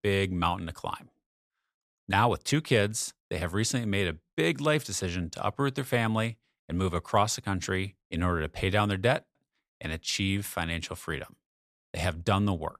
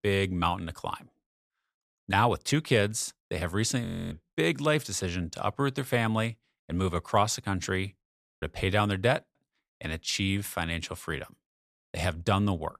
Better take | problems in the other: first | audio freezing; at 4 s and at 8 s

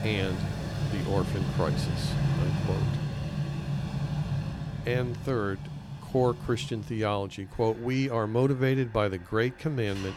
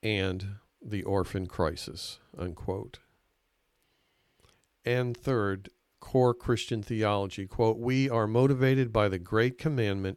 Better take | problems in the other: second | machinery noise; loud; throughout; 2 dB below the speech

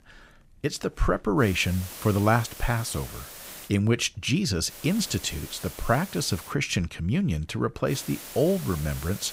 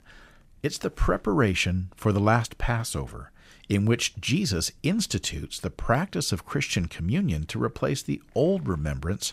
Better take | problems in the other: second | hiss; noticeable; from 1.5 to 3.5 s, from 4.5 to 6.5 s and from 8 s on; 15 dB below the speech

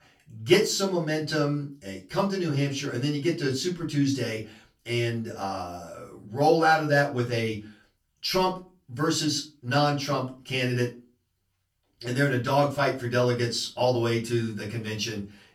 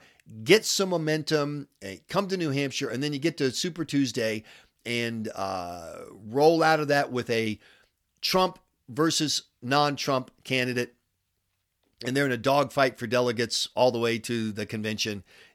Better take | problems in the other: second | off-mic speech; far // room echo; very slight; dies away in 0.3 s

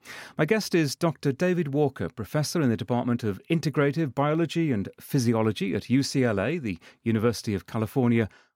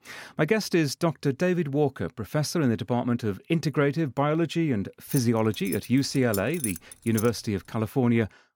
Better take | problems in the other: first | jangling keys; noticeable; from 5 to 7.5 s; peak 6 dB below the speech

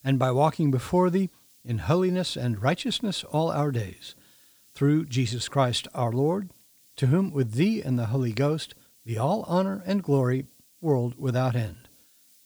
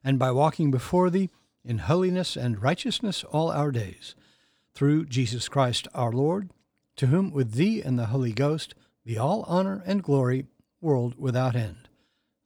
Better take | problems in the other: second | hiss; faint; throughout; 30 dB below the speech

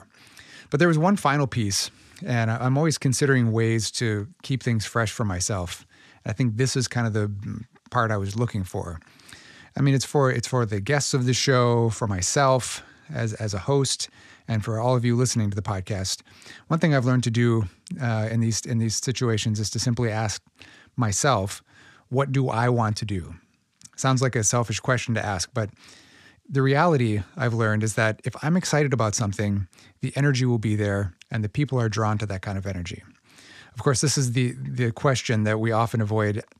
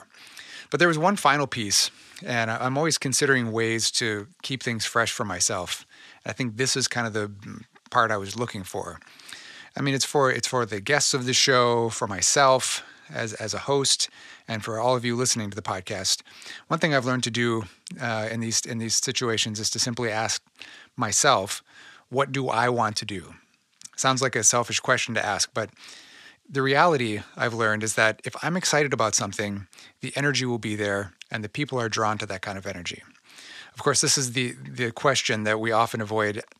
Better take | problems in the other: first | thin; somewhat; fading below 550 Hz

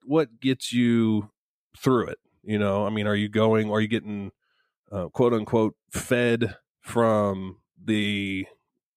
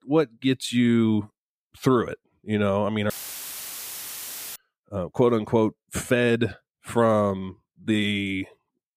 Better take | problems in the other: first | audio cutting out; filled with static; at 3 s for 1.5 s

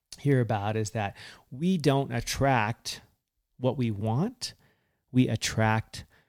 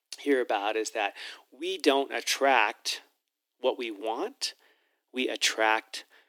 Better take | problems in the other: first | thin; somewhat; fading below 300 Hz

